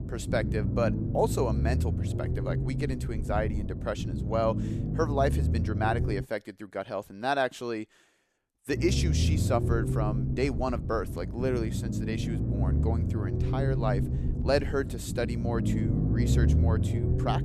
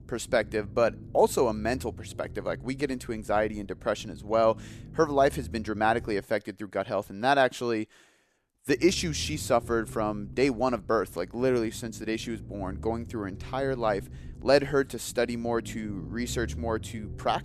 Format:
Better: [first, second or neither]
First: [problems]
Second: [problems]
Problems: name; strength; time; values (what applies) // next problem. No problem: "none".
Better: second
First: low rumble; loud; until 6 s and from 8.5 s on; 7 dB below the speech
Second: low rumble; faint; until 6 s and from 8.5 s on; 25 dB below the speech